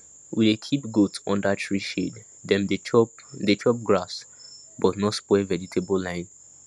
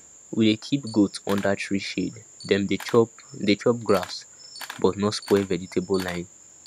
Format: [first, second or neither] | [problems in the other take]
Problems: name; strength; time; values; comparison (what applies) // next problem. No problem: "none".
first | background sound (Camera); 19 dB below the speech